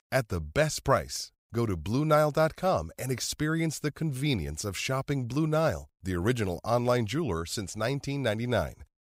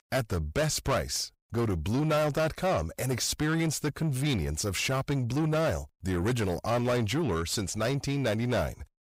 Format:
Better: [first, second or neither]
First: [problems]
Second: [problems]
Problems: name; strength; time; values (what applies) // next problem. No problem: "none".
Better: first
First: none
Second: distortion; heavy; 8 dB below the speech